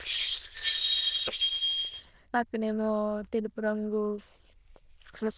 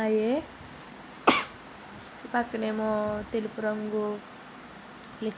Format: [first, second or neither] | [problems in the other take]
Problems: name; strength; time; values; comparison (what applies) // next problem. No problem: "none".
second | noise reduction (neural diffusion model UNIVERSE++)